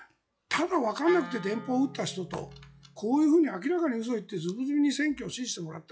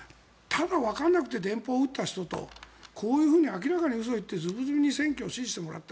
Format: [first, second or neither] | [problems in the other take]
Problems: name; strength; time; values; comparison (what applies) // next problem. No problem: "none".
second | noise reduction (classical method log-MMSE)